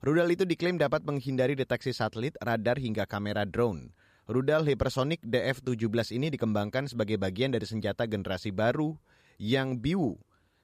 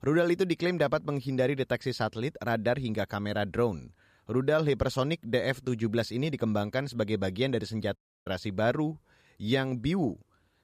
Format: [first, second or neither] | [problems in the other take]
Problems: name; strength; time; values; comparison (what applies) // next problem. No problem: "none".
first | audio cutting out; at 8 s